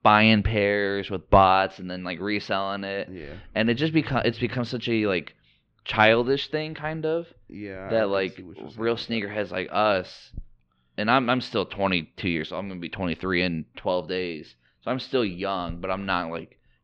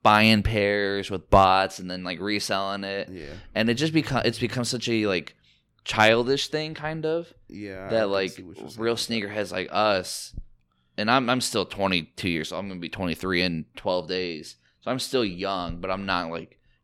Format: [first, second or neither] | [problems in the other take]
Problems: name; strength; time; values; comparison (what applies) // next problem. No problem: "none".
second | muffled; very slightly; fading above 3.5 kHz